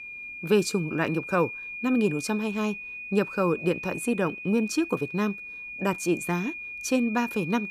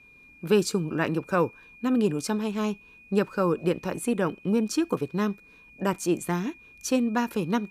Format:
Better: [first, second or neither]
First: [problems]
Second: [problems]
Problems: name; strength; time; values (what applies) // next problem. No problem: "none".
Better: second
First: high-pitched whine; loud; throughout; 2.5 kHz, 8 dB below the speech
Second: high-pitched whine; faint; throughout; 2.5 kHz, 25 dB below the speech